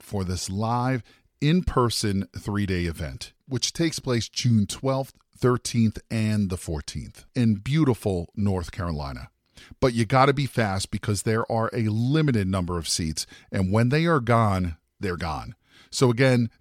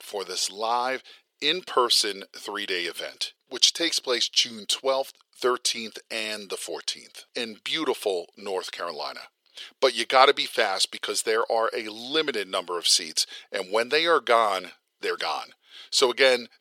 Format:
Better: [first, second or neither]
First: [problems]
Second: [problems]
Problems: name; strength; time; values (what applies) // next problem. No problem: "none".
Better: first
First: none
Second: thin; very; fading below 450 Hz